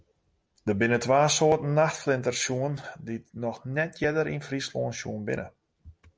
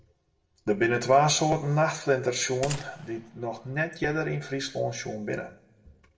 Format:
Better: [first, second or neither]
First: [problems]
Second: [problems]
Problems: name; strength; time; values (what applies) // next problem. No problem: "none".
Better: first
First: none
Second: background sound (Gunshot, gunfire); 17 dB below the speech // room echo; dies away in 0.6 s